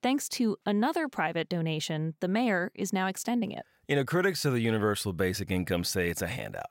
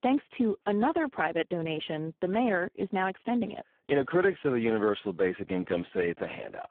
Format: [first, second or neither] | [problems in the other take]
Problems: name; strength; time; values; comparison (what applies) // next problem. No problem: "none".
first | phone-call audio; poor line